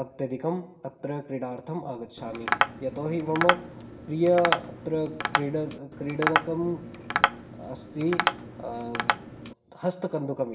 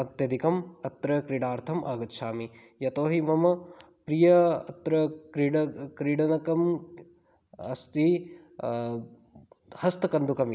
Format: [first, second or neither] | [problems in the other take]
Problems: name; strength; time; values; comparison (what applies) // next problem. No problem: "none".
second | background sound (Tap); as loud as the speech // room echo; dies away in 1.4 s